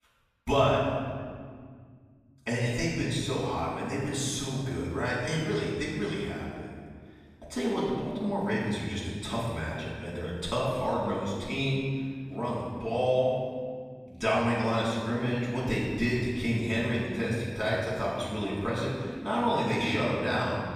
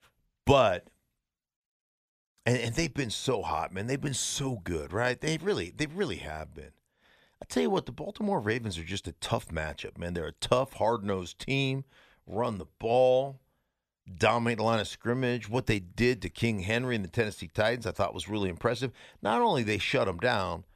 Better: second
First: off-mic speech; far // room echo; strong; dies away in 1.8 s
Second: none

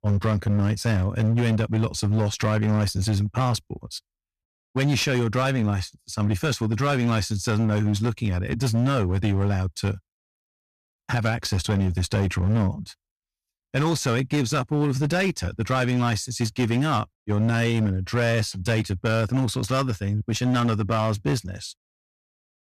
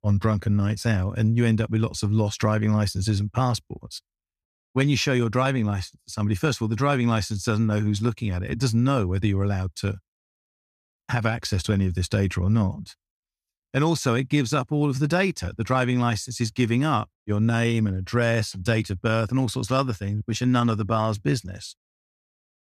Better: second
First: distortion; slight; 17% of the sound clipped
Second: none

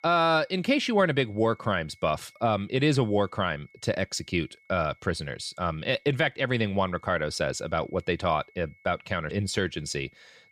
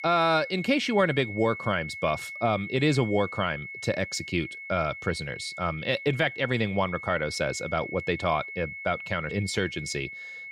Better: first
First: high-pitched whine; faint; throughout; 2 kHz, 30 dB below the speech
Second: high-pitched whine; loud; throughout; 2 kHz, 9 dB below the speech

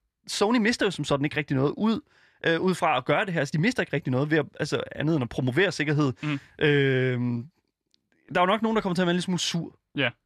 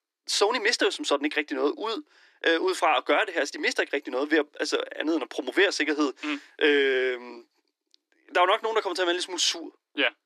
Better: first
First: none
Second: thin; somewhat; fading below 300 Hz

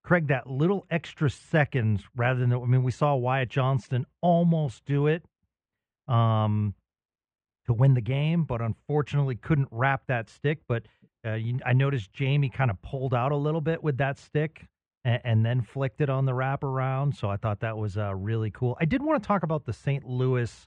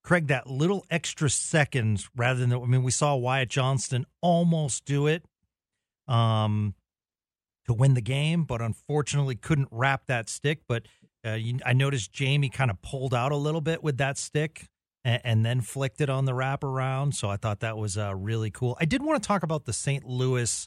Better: second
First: muffled; very; fading above 2 kHz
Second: none

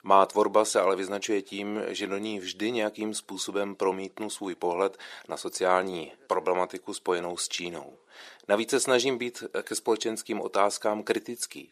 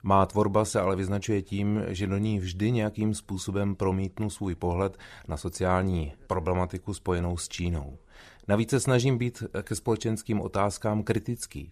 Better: second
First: thin; somewhat; fading below 350 Hz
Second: none

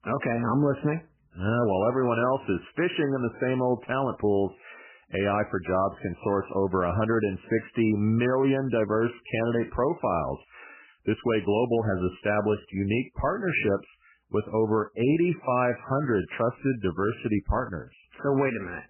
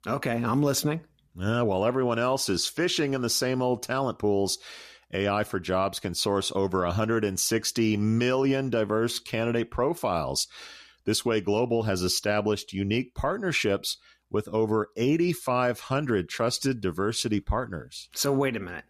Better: second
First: garbled, watery; badly; nothing above 3 kHz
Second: none

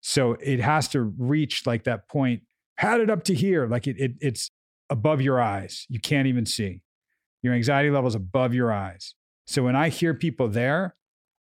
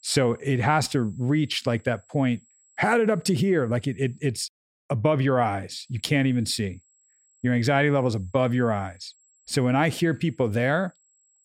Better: first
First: none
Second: high-pitched whine; faint; until 4.5 s and from 6 s on; 7.5 kHz, 35 dB below the speech

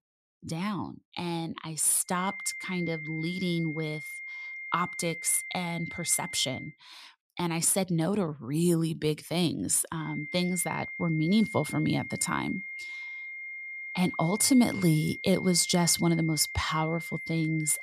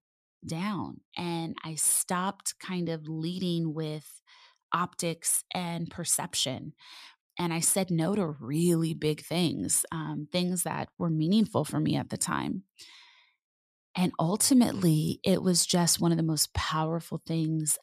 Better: second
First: high-pitched whine; loud; from 2 to 6.5 s and from 10 s on; 2 kHz, 9 dB below the speech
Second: none

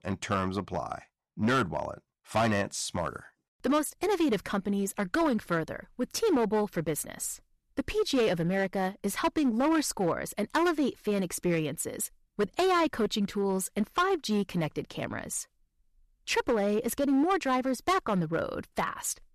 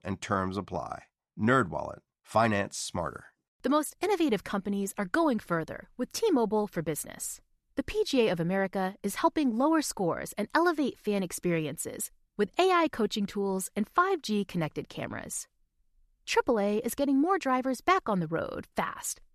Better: second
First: distortion; slight; 7% of the sound clipped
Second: none

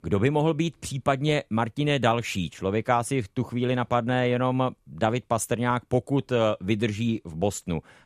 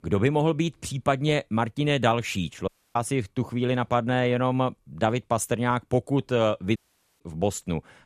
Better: first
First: none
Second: audio cutting out; at 2.5 s and at 7 s

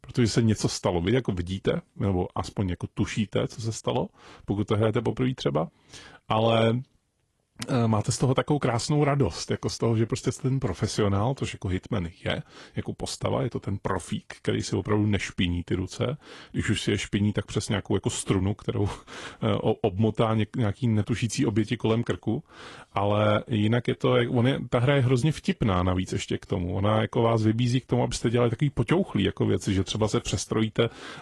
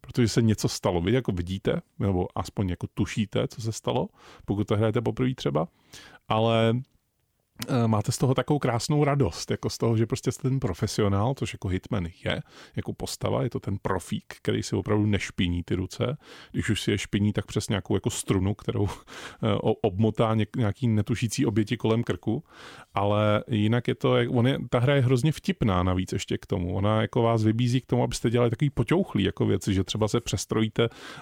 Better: second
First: garbled, watery; slightly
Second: none

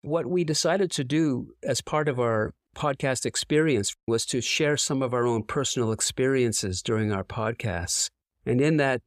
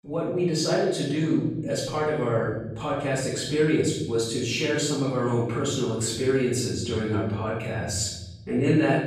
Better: first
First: none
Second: off-mic speech; far // room echo; noticeable; dies away in 1.1 s

